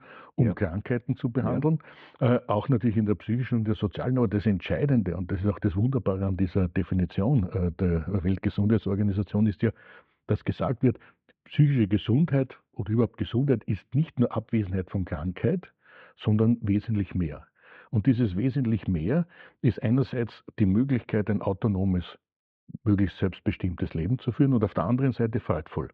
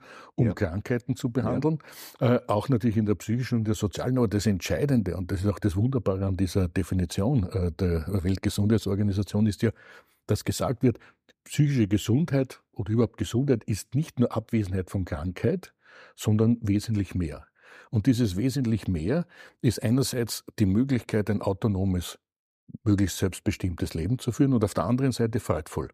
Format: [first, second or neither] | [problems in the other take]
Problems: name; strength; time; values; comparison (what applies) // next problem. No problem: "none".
second | muffled; very; fading above 3 kHz